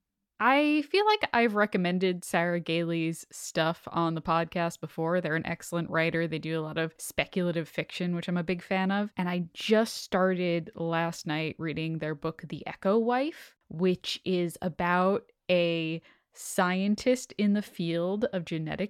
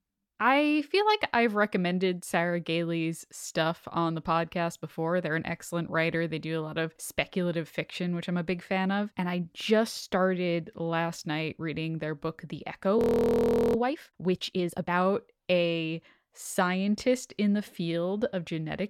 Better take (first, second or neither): first